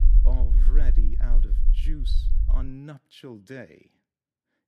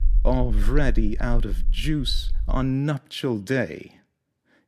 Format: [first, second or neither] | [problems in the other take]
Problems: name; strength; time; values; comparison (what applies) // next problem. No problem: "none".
second | low rumble; loud; until 2.5 s; 6 dB below the speech; faint in the second